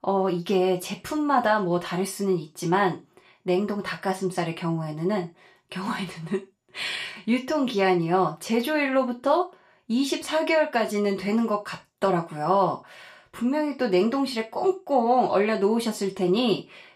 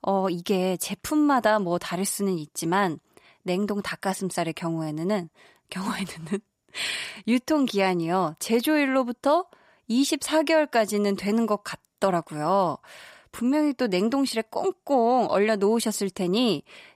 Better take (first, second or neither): second